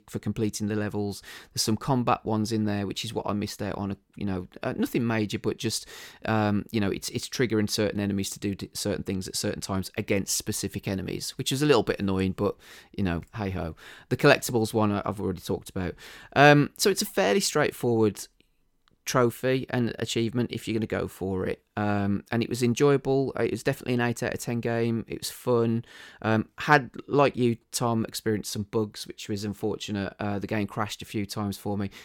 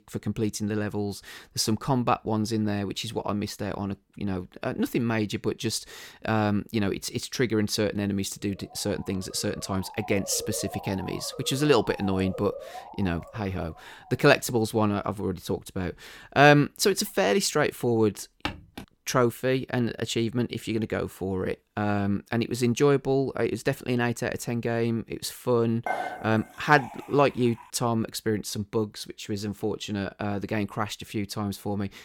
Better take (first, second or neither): first